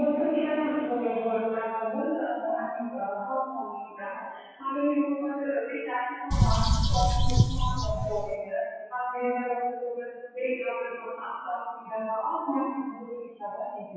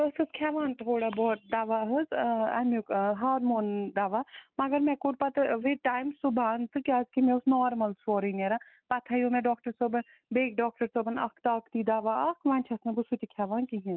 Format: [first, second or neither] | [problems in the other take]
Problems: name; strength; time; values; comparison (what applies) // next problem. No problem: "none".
second | noise reduction (classical method WPE with log-MMSE)